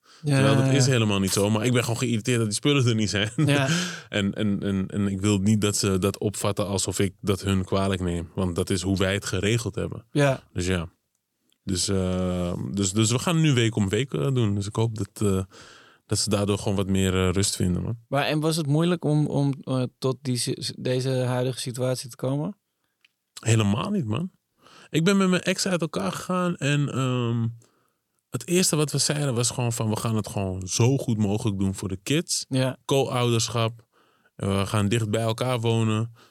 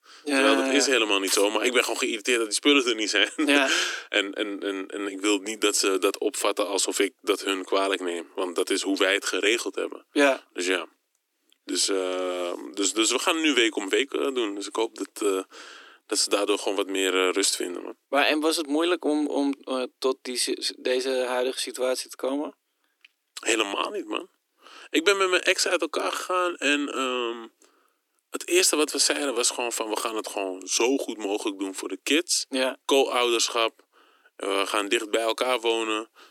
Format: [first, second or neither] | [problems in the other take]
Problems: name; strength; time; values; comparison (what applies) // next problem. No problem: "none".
first | thin; somewhat; fading below 300 Hz